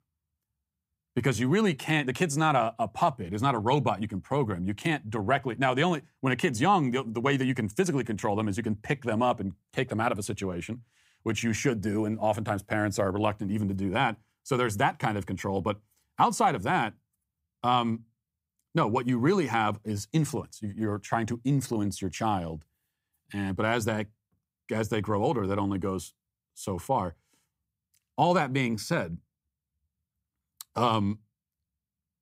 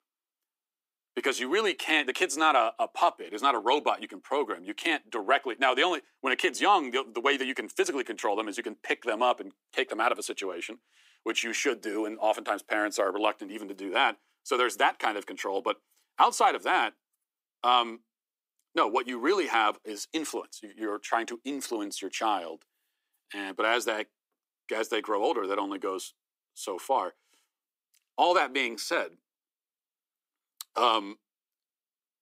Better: first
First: none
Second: thin; somewhat; fading below 300 Hz

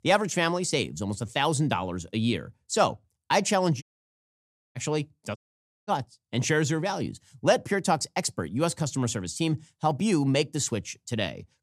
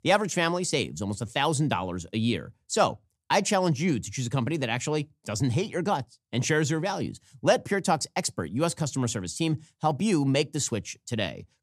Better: second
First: audio cutting out; at 4 s for 1 s and at 5.5 s for 0.5 s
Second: none

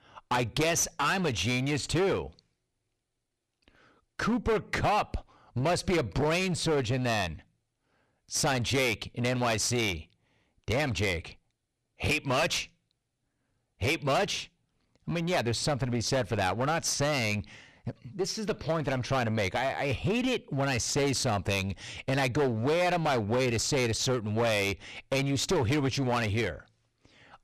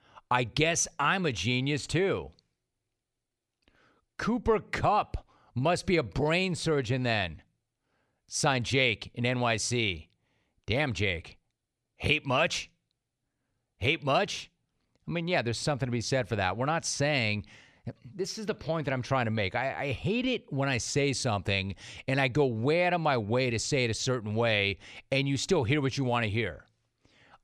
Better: second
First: distortion; heavy; 12% of the sound clipped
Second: none

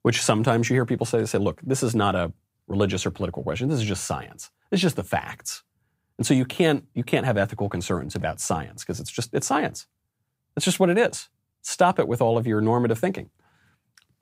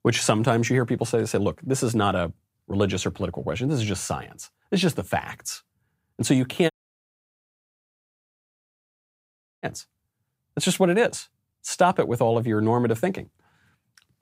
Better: first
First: none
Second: audio cutting out; at 6.5 s for 3 s

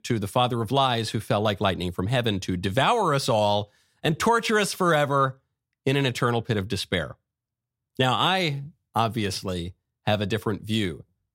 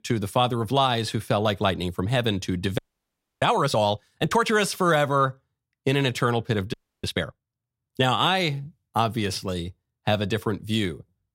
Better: first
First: none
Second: audio freezing; at 3 s for 0.5 s and at 6.5 s

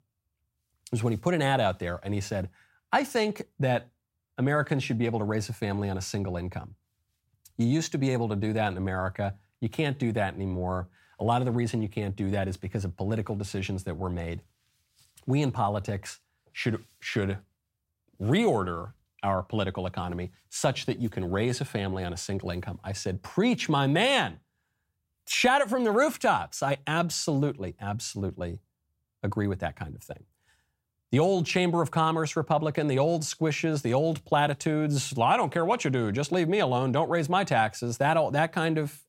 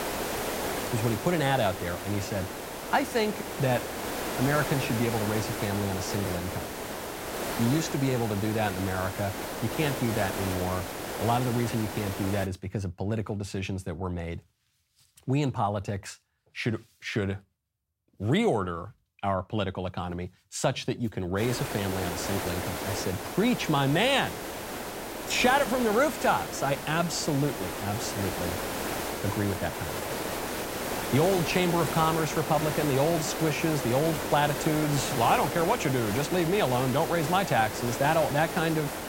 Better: first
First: none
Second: hiss; loud; until 12 s and from 21 s on; 5 dB below the speech

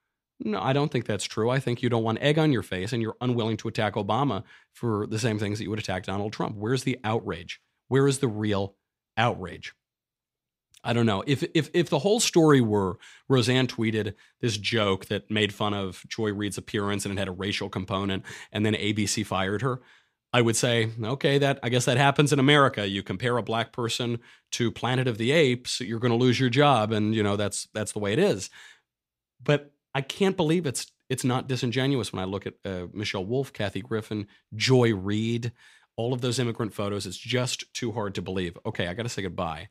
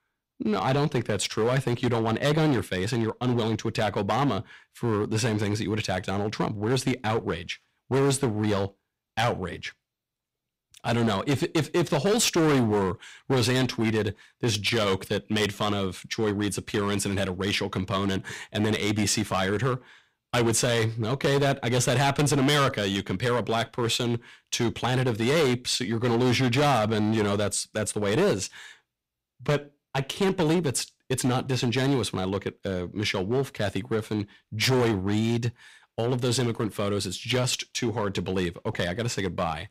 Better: first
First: none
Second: distortion; heavy; 10% of the sound clipped

